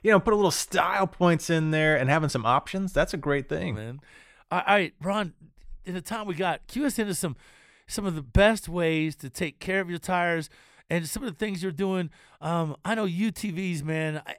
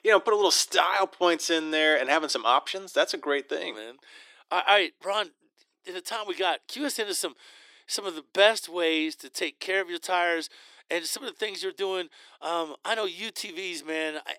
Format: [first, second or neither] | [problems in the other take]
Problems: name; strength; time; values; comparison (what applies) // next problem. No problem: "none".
first | thin; very; fading below 300 Hz